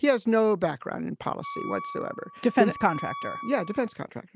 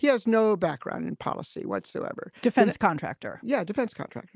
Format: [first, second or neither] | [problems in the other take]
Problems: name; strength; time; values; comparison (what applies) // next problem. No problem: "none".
second | background sound (Wind instrument, woodwind instrument); 12 dB below the speech